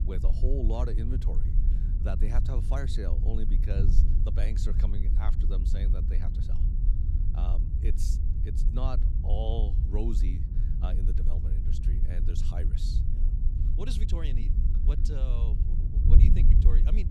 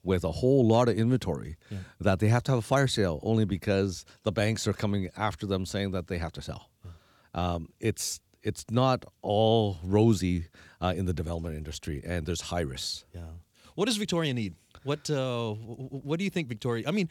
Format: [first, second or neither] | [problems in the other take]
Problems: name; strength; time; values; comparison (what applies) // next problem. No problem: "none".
second | wind noise on the microphone; heavy; 4 dB below the speech